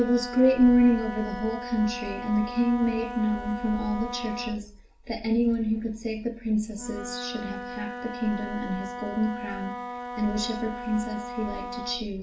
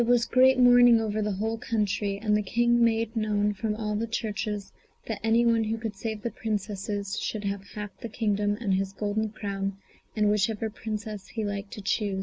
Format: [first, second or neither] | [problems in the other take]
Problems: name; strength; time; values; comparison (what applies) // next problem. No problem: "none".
second | background sound (Wind instrument, woodwind instrument); 10 dB below the speech // room echo; dies away in 0.4 s